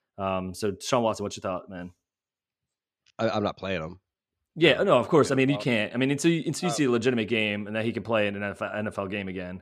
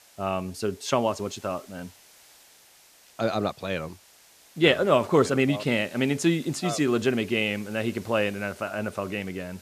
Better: first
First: none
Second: hiss; faint; throughout; 25 dB below the speech

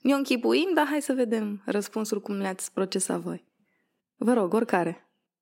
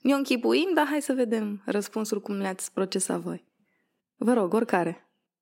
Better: neither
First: none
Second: none

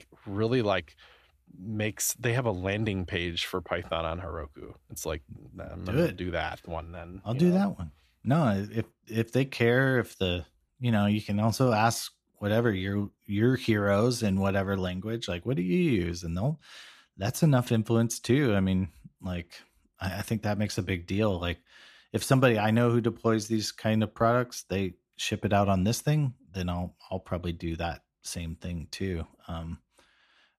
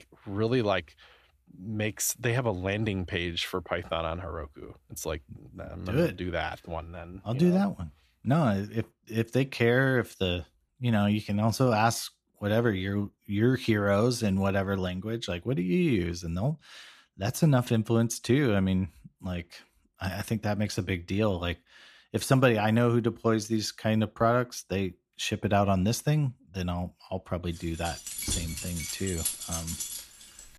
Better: first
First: none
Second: jangling keys; noticeable; from 28 s on; peak 2 dB below the speech

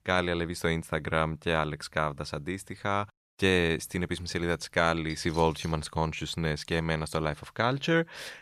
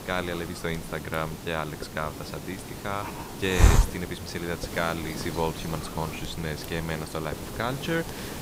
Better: first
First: none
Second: hiss; loud; throughout; 1 dB below the speech

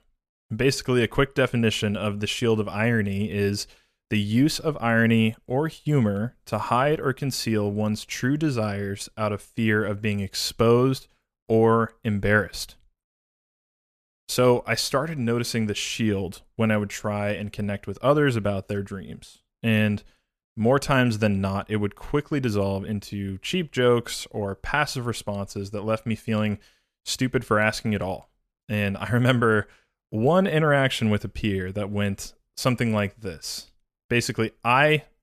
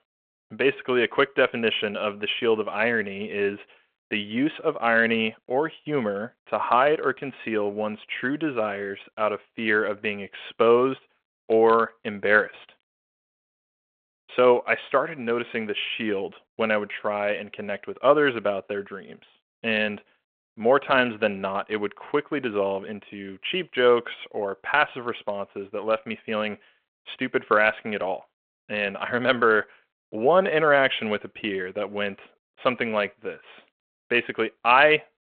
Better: first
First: none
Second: phone-call audio

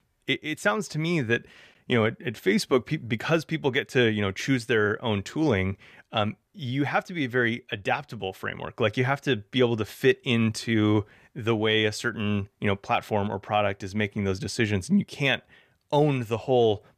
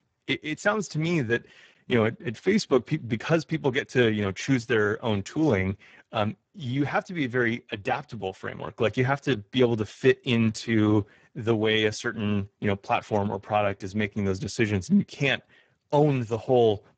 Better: first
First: none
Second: garbled, watery; badly; nothing above 7.5 kHz

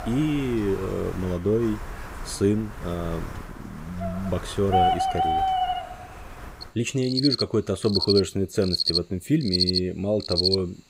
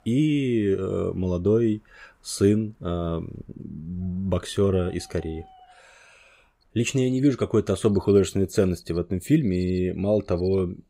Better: second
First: animal sounds; loud; throughout; as loud as the speech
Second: animal sounds; faint; throughout; 30 dB below the speech

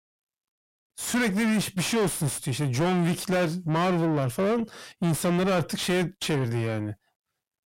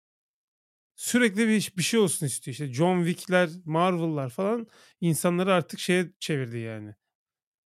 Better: second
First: distortion; heavy; 5 dB below the speech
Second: none

